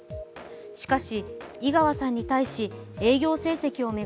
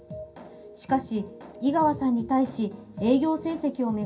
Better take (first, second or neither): first